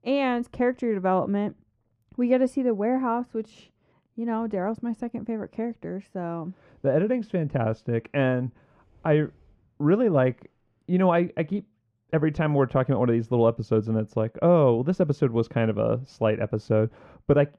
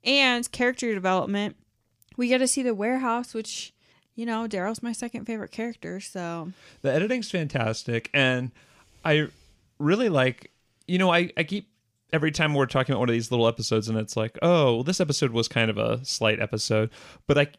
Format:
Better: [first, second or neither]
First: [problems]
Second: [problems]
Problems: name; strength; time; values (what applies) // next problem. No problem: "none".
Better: second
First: muffled; very; fading above 2.5 kHz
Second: none